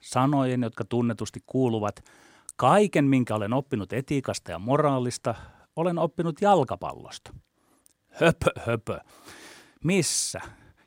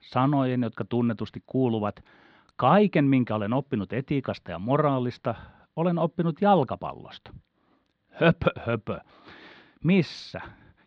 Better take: first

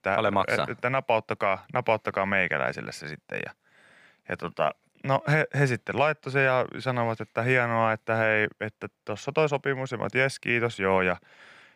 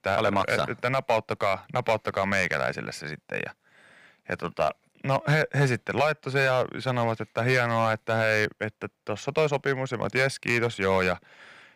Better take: first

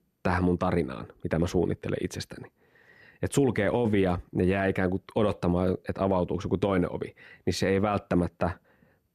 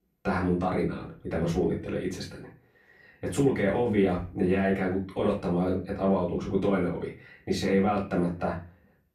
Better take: first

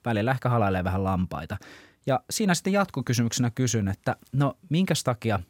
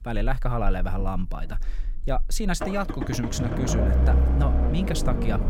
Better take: first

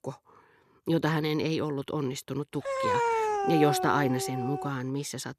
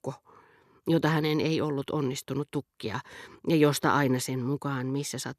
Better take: second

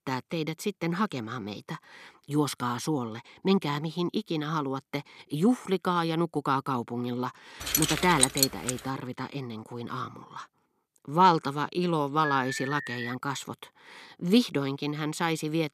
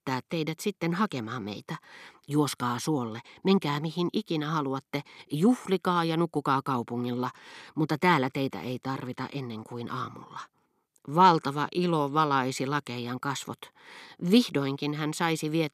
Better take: second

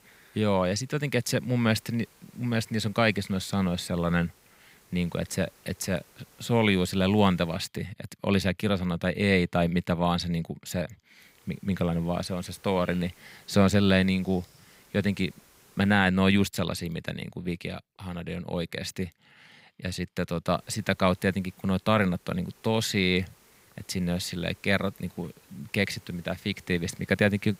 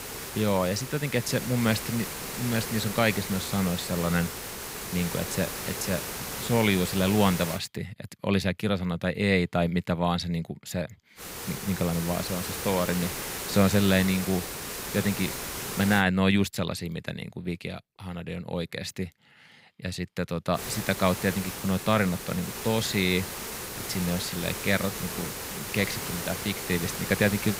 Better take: first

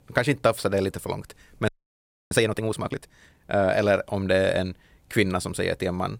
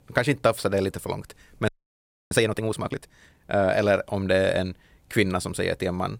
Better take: neither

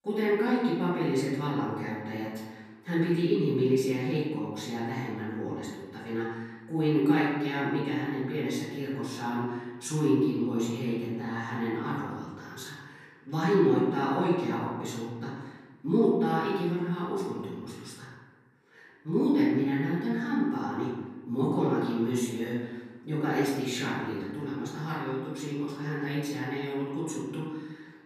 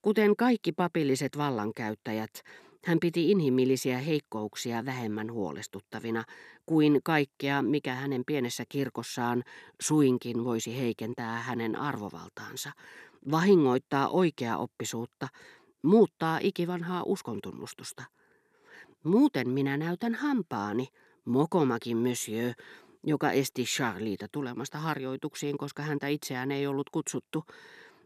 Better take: second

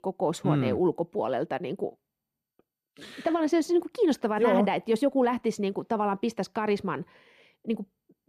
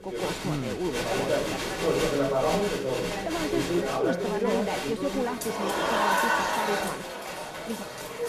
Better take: first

